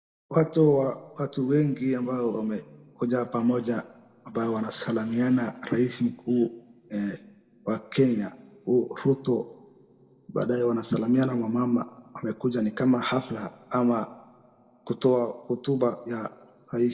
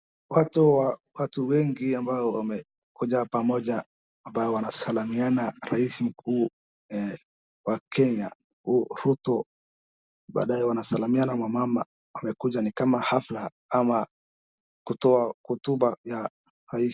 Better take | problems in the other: second | room echo; dies away in 1.5 s

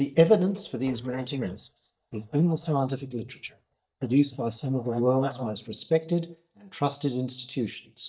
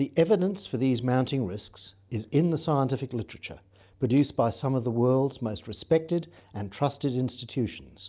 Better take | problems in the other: second | noise reduction (neural mask model DeepFilterNet 3)

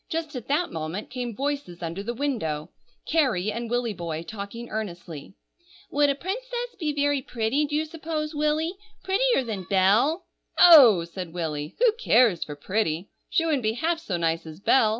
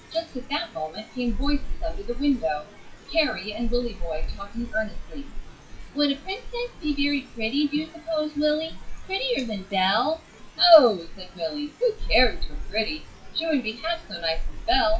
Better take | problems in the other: first | noise reduction (classical method WPE with log-MMSE)

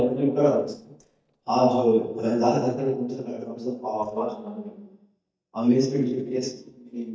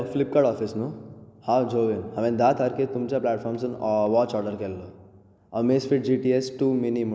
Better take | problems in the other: second | noise reduction (neural mask model DeepFilterNet 3)

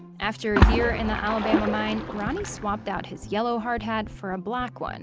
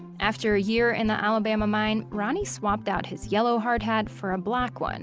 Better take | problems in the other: second | background sound (Splash, splatter); 2 dB above the speech

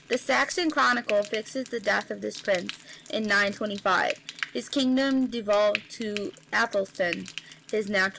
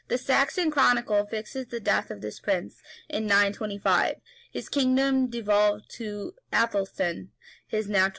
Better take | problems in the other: second | background sound (Rattle (instrument) + Frying (food)); 15 dB below the speech

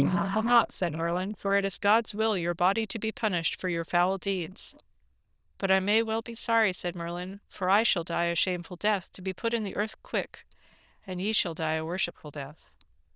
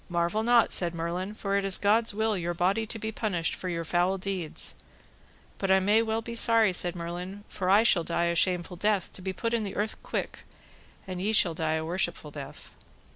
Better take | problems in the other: second | noise reduction (neural diffusion model UNIVERSE++)

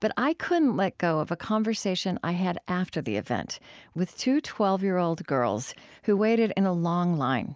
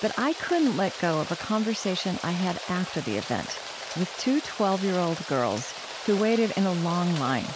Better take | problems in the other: first | background sound (Rain); 11 dB below the speech

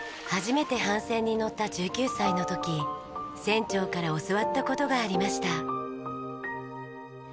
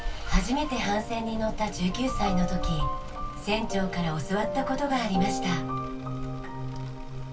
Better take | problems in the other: first | background sound (Rain); 5 dB below the speech // room echo; dies away in 0.1 s

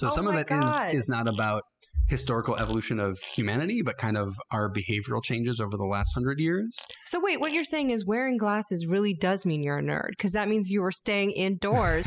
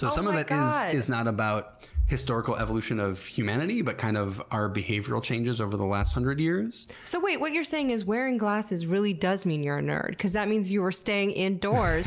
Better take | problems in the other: second | noise reduction (classical method spectral subtraction)

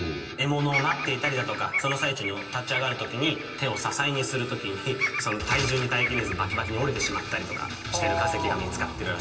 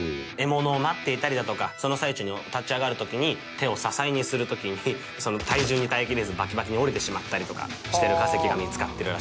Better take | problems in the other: second | background sound (Bird vocalization, bird call, bird song); 6 dB below the speech // room echo; dies away in 2.2 s

